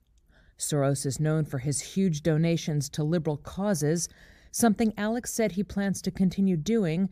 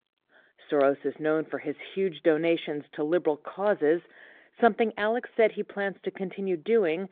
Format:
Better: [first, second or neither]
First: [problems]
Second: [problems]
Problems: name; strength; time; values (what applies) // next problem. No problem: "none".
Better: first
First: none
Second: phone-call audio